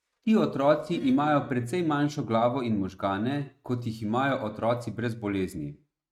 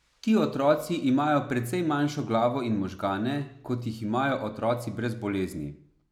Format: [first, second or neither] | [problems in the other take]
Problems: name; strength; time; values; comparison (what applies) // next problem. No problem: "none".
second | noise reduction (neural mask model RNNoise)